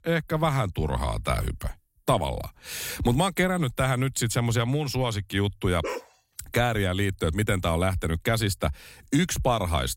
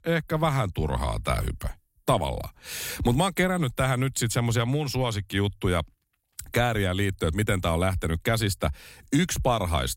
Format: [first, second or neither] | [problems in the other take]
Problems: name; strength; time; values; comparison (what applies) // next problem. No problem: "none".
second | dog barking; noticeable; at 6 s; peak 8 dB below the speech